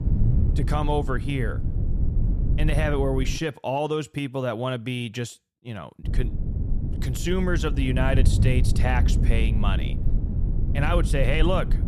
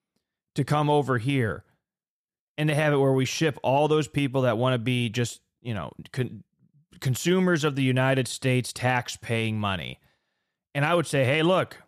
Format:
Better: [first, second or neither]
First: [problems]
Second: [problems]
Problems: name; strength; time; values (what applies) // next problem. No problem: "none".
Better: second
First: low rumble; noticeable; until 3.5 s and from 6 s on; 10 dB below the speech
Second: none